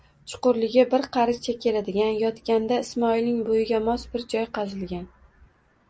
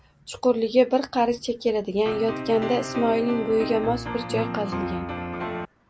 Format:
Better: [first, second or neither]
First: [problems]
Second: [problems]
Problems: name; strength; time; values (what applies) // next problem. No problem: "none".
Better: first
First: none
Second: background sound (Piano); 6 dB below the speech